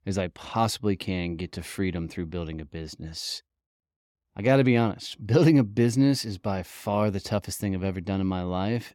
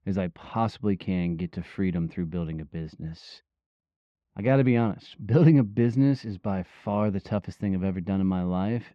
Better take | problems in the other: first | muffled; slightly; fading above 2.5 kHz

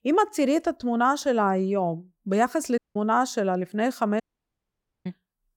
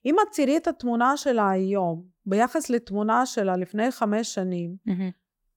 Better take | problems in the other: second | audio cutting out; at 3 s and at 4 s for 1 s

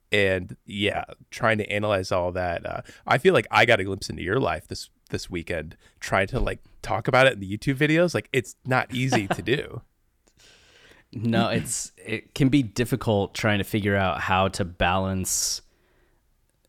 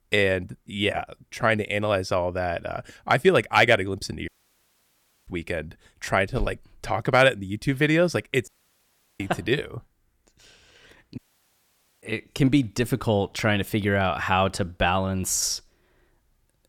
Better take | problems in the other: first | audio cutting out; at 4.5 s for 1 s, at 8.5 s for 0.5 s and at 11 s for 1 s

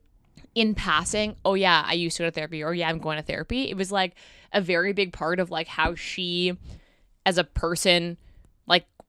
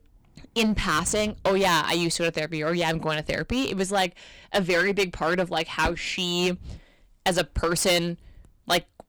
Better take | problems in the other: first | distortion; heavy; 9% of the sound clipped

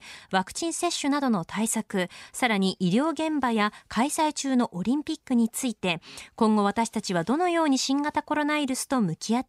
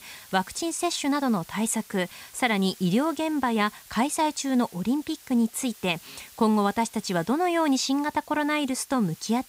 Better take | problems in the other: first | hiss; faint; throughout; 20 dB below the speech

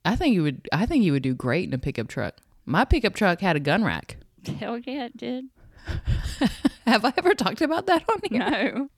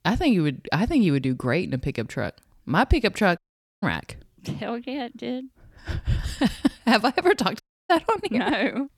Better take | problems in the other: first | audio cutting out; at 3.5 s and at 7.5 s

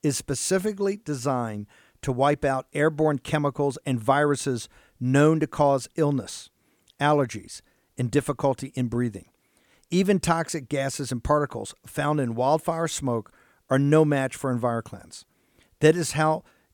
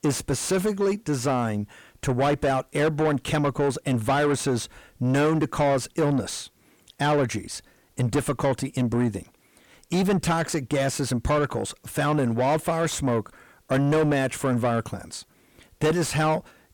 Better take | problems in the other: first | distortion; heavy; 7 dB below the speech

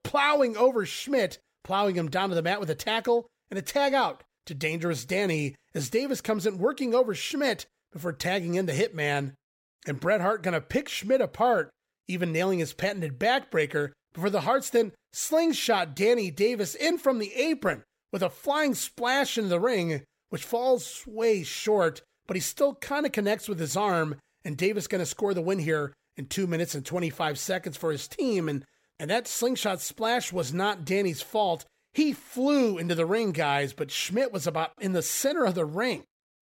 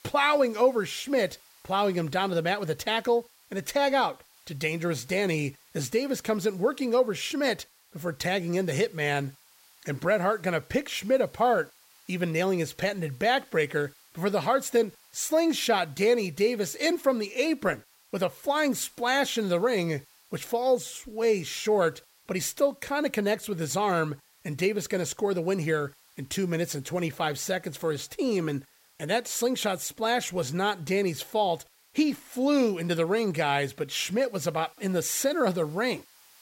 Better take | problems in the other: first | hiss; faint; throughout; 30 dB below the speech

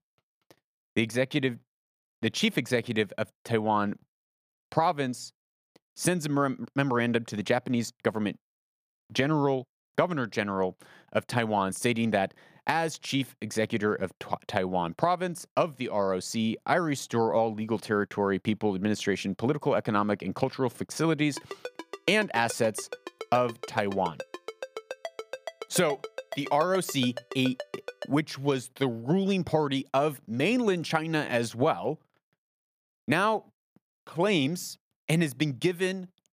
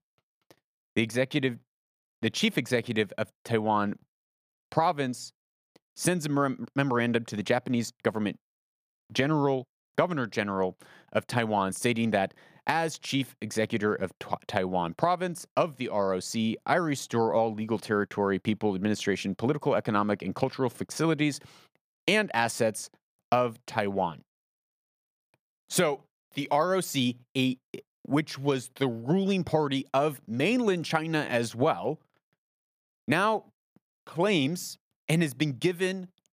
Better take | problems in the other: second | phone ringing; faint; from 21 to 28 s; peak 10 dB below the speech

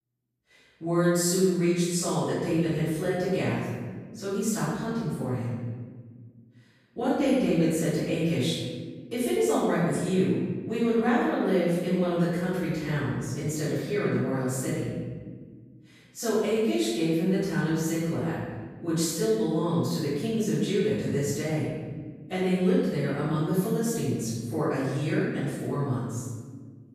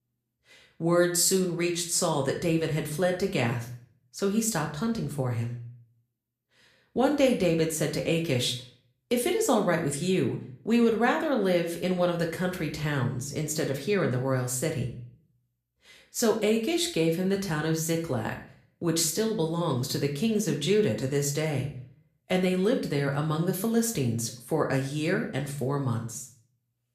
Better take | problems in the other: second | room echo; strong; dies away in 1.5 s; slight in the second // off-mic speech; far; somewhat distant in the second

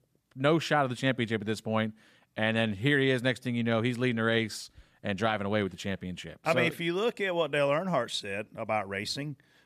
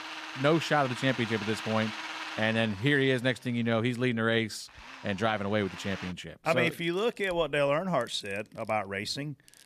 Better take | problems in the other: first | machinery noise; noticeable; throughout; 10 dB below the speech

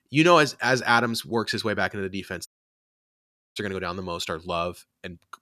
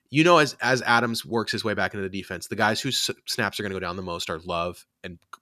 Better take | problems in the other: second | audio cutting out; at 2.5 s for 1 s

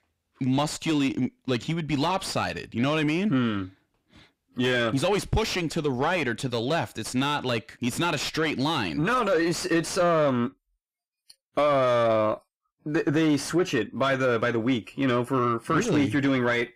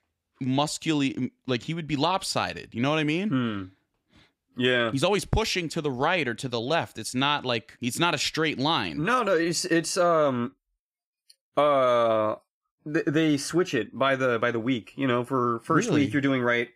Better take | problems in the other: second | distortion; slight; 10 dB below the speech

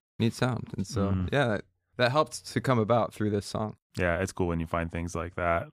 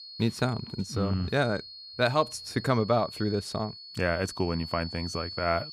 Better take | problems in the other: first | high-pitched whine; noticeable; throughout; 4.5 kHz, 10 dB below the speech

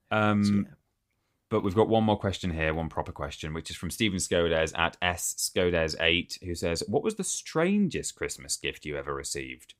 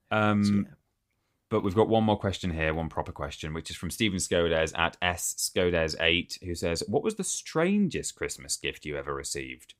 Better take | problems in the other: neither | none

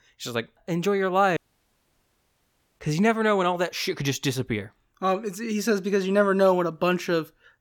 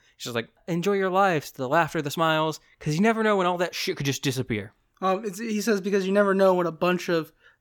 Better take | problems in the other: second | audio cutting out; at 1.5 s for 1.5 s

